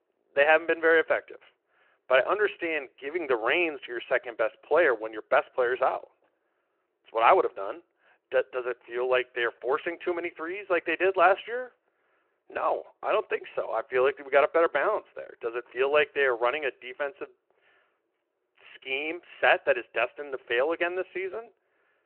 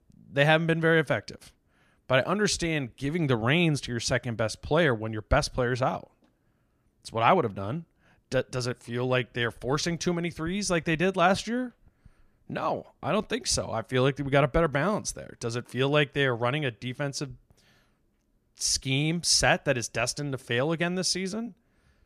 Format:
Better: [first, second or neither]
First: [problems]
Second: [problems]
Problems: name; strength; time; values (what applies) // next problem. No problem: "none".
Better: second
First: phone-call audio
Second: none